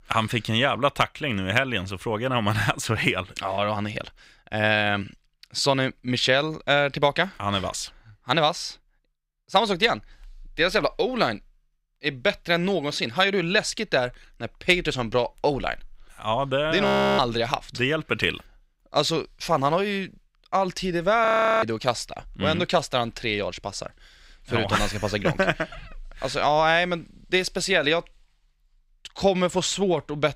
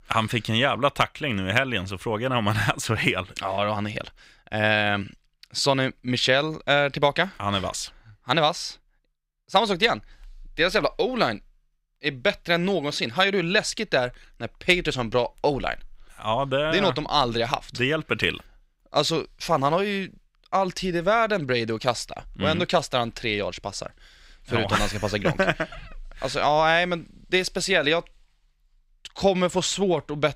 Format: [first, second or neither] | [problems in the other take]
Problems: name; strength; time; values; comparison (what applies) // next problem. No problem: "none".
second | audio freezing; at 17 s and at 21 s